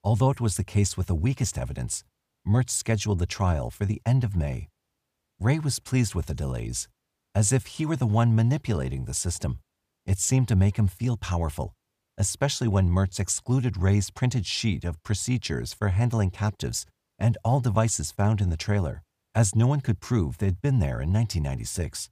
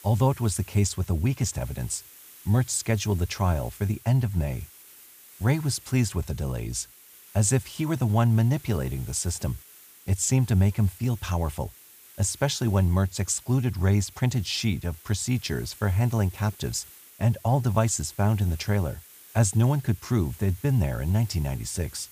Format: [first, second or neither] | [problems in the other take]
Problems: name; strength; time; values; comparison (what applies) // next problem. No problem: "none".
first | hiss; faint; throughout; 20 dB below the speech